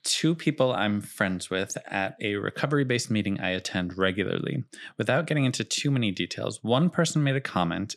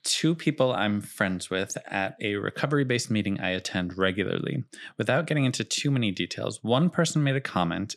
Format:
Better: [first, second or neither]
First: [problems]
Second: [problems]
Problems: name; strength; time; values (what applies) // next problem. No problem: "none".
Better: neither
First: none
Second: none